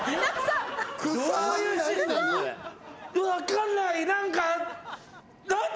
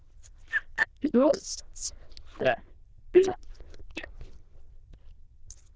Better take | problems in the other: first | noise reduction (neural diffusion model UNIVERSE++)

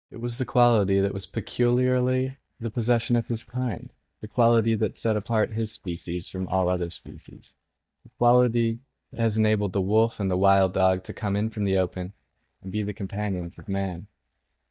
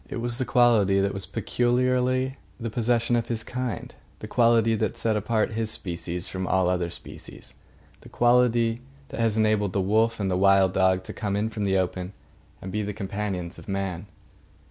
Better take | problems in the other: second | noise reduction (neural mask model DeepFilterNet 3)

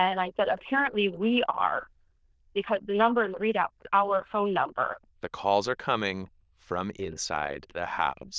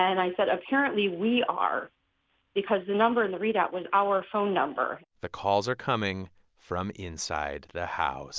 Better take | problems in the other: second | noise reduction (neural diffusion model UNIVERSE++)

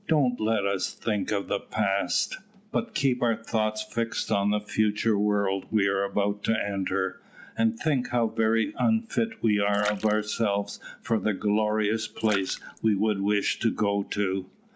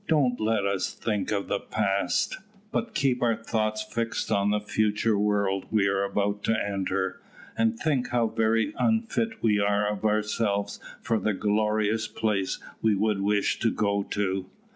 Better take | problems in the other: second | background sound (Splash, splatter); 16 dB below the speech

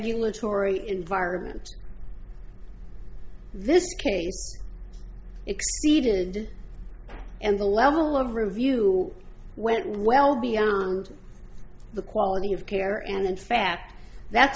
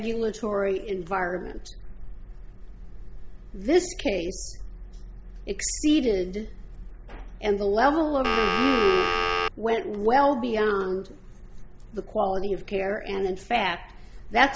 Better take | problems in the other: first | background sound (Telephone); 2 dB above the speech

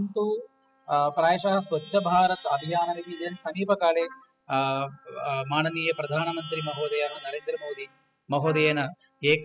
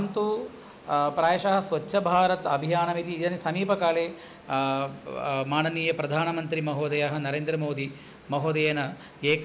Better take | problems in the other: second | noise reduction (classical method spectral subtraction)

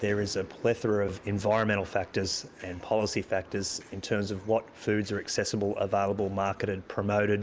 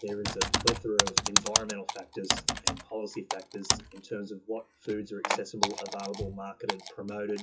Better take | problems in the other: first | noise reduction (classical method WPE with log-MMSE)

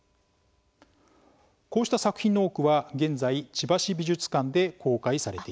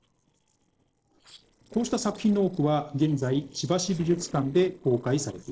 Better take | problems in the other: first | noise reduction (neural separator model SepFormer DNS4)

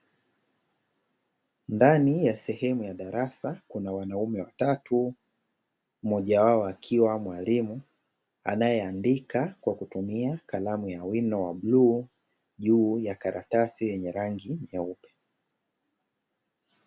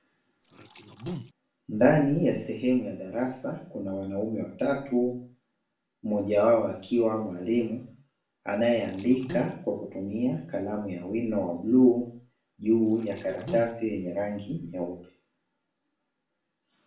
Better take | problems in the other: first | background sound (Liquid); 12 dB below the speech // room echo; dies away in 0.4 s

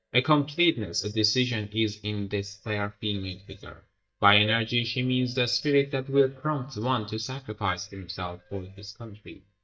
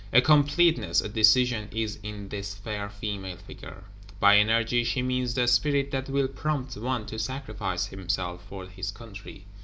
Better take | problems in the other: second | noise reduction (neural mask model DeepFilterNet 3)

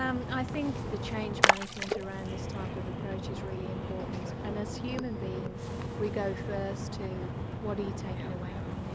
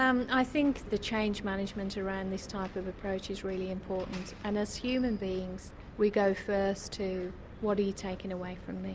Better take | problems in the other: second | background sound (Splash, splatter); 3 dB above the speech

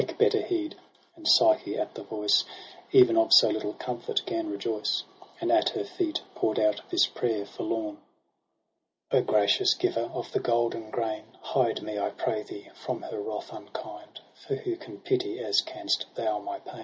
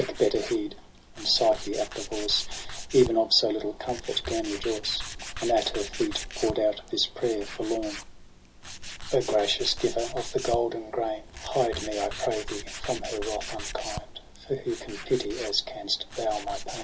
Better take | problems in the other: first | background sound (Tools); 10 dB below the speech

